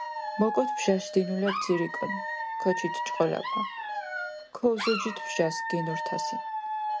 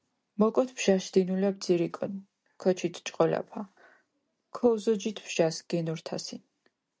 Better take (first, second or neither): second